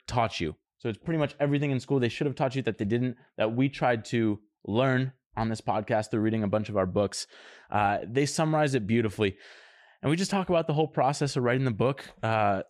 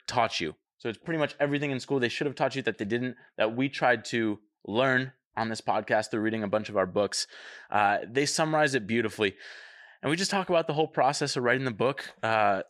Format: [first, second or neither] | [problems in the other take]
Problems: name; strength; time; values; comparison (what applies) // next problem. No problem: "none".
first | thin; very slightly; fading below 350 Hz